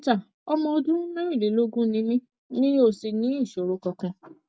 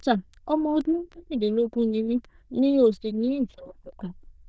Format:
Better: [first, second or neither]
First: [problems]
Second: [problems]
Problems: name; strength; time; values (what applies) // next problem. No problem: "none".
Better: first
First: none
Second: noise reduction (neural diffusion model UNIVERSE++)